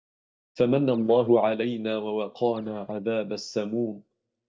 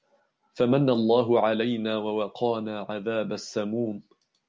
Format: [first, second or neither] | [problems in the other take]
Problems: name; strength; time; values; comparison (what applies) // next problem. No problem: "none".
second | noise reduction (neural mask model DeepFilterNet 3)